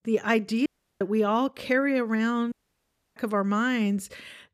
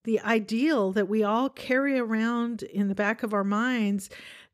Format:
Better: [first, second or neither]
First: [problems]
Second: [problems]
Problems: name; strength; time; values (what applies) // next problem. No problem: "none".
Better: second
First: audio cutting out; at 0.5 s and at 2.5 s for 0.5 s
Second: none